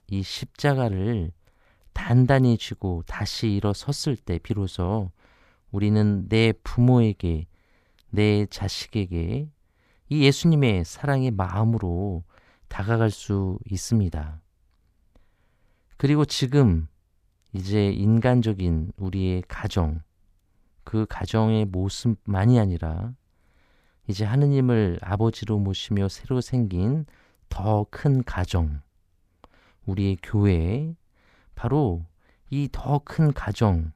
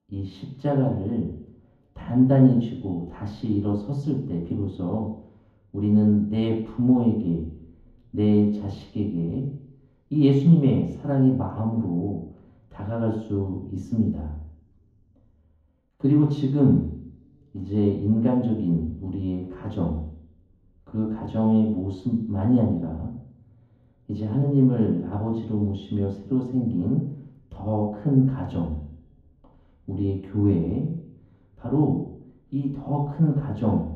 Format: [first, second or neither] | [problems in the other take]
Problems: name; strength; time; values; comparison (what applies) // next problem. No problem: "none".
first | room echo; noticeable; dies away in 0.8 s // off-mic speech; far